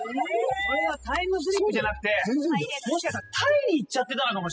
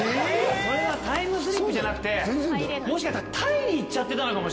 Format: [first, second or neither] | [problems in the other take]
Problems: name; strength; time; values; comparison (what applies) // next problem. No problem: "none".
second | noise reduction (classical method spectral subtraction)